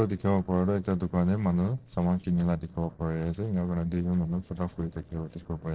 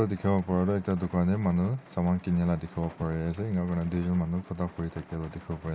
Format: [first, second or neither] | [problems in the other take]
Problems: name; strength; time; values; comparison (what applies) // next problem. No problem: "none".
second | noise reduction (neural separator model SepFormer DNS4)